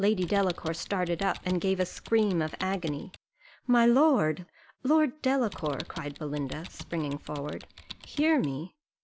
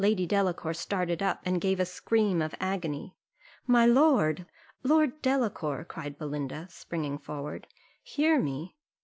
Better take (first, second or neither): second